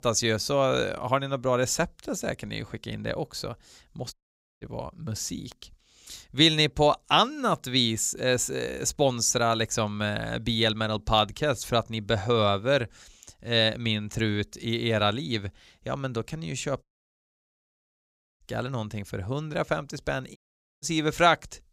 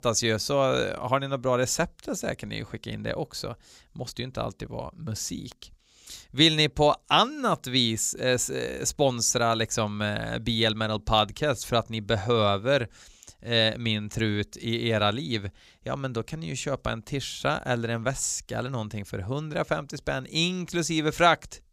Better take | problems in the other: second | audio cutting out; at 4 s, at 17 s for 1.5 s and at 20 s

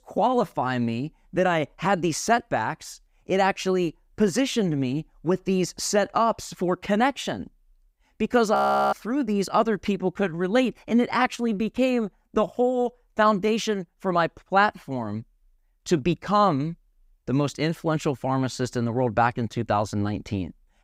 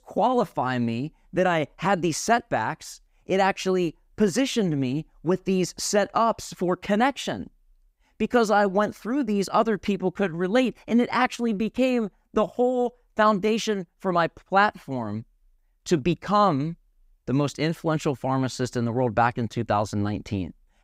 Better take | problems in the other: second | audio freezing; at 8.5 s

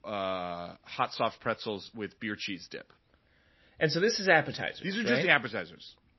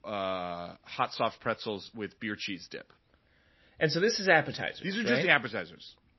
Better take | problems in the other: neither | garbled, watery; slightly; nothing above 6 kHz; the same in both

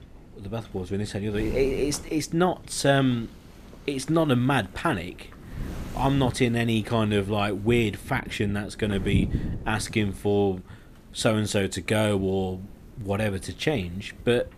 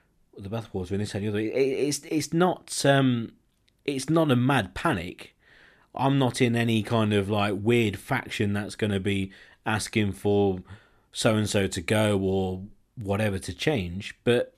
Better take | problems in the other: second | wind noise on the microphone; occasional gusts; 20 dB below the speech

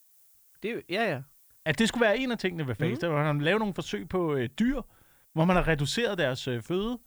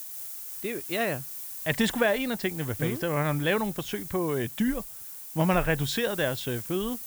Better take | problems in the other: first | hiss; loud; throughout; 8 dB below the speech; faint in the first

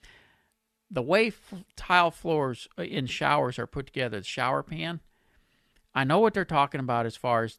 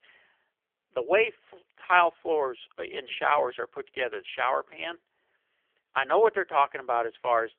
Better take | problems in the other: first | phone-call audio; poor line; nothing above 3.5 kHz

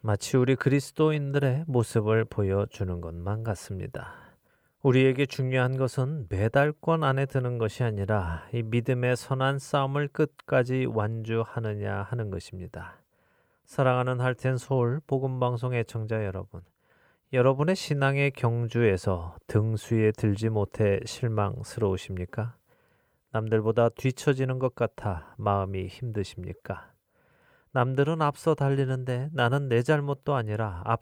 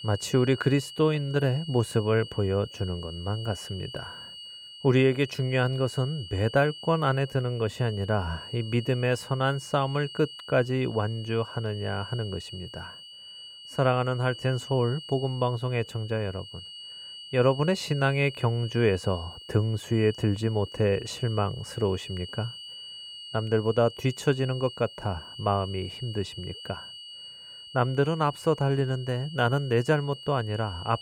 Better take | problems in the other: first | high-pitched whine; noticeable; throughout; 3 kHz, 15 dB below the speech

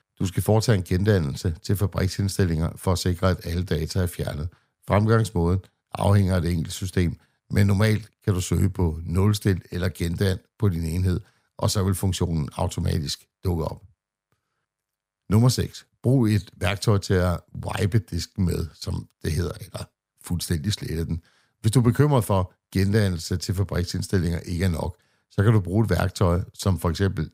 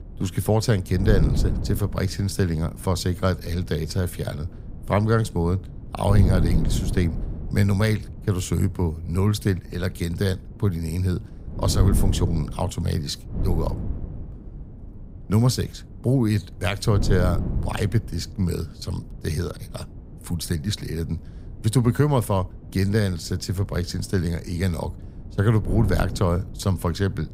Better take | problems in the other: first | wind noise on the microphone; occasional gusts; 15 dB below the speech

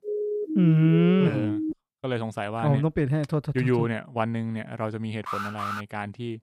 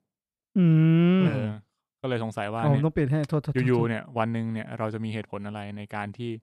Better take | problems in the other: second | siren; noticeable; until 1.5 s; peak 3 dB below the speech // alarm; noticeable; at 5.5 s; peak 6 dB below the speech

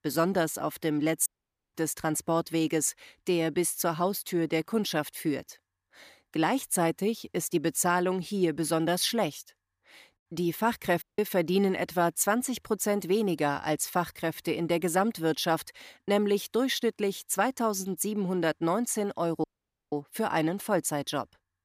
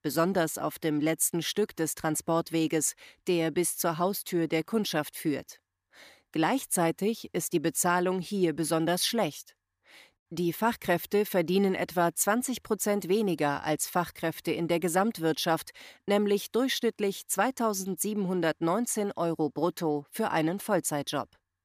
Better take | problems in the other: second | audio cutting out; at 1.5 s, at 11 s and at 19 s

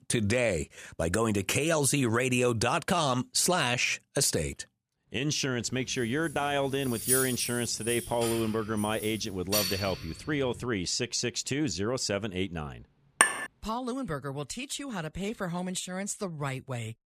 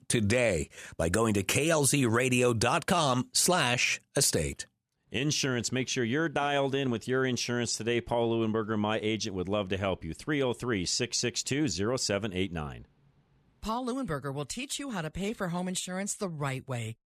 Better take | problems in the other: second | jangling keys; loud; from 7 to 10 s; peak 3 dB above the speech // clattering dishes; loud; at 13 s; peak 5 dB above the speech

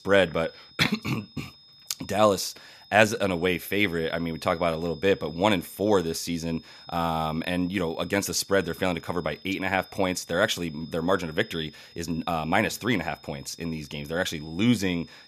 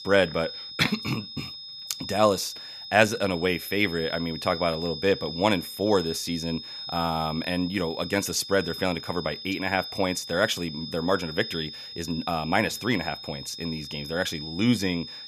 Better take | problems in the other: first | high-pitched whine; loud; throughout; 5 kHz, 9 dB below the speech; faint in the first

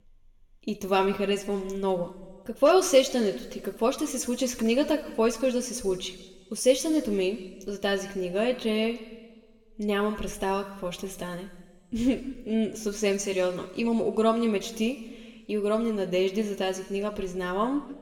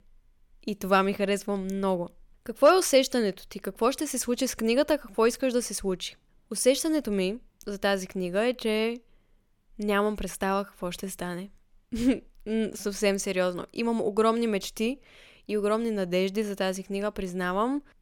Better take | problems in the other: second | room echo; slight; dies away in 1.2 s

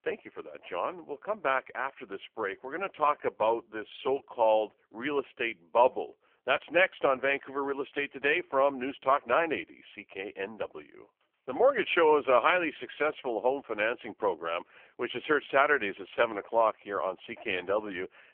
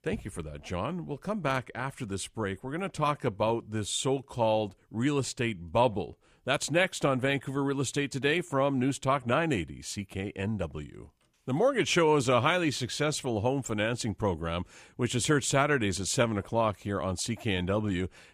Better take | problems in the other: second | phone-call audio; poor line; nothing above 3 kHz

